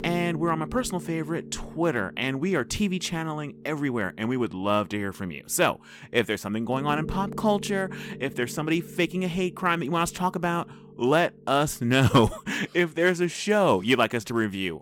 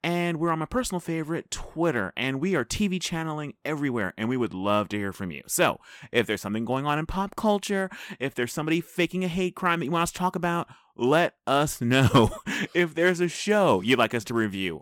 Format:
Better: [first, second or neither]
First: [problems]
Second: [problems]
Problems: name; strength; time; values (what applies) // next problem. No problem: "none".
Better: second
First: background music; noticeable; throughout; 15 dB below the speech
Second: none